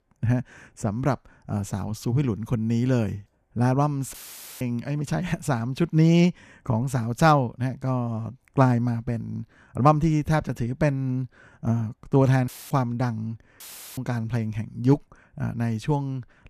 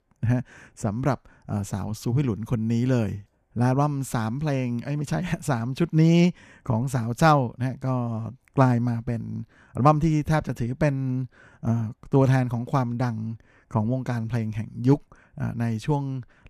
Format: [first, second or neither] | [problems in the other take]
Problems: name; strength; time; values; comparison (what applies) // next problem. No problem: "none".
second | audio cutting out; filled with static; at 4 s, at 12 s and at 14 s